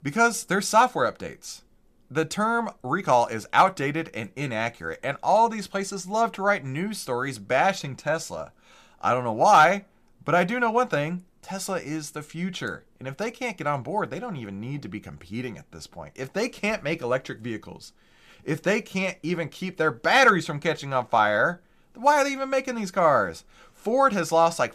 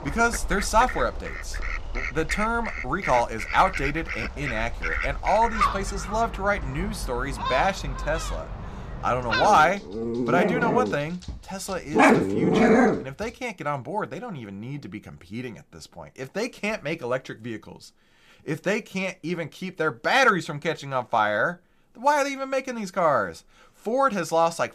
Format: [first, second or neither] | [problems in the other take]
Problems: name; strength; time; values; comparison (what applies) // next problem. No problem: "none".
first | animal sounds; loud; until 13 s; 1 dB below the speech